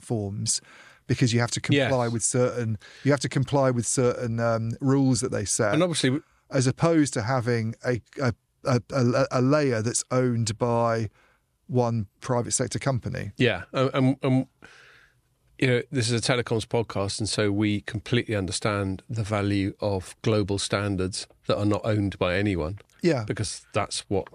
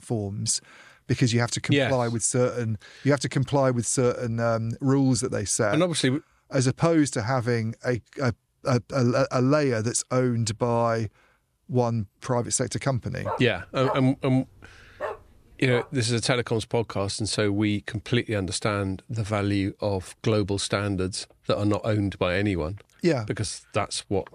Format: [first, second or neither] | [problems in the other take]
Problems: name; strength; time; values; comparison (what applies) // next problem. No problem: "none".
first | dog barking; noticeable; from 13 to 16 s; peak 7 dB below the speech